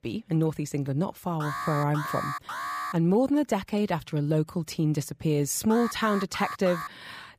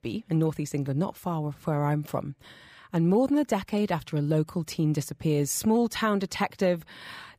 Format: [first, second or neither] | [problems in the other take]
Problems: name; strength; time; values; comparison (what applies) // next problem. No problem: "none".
second | alarm; noticeable; from 1.5 to 3 s and from 5.5 to 7 s; peak 5 dB below the speech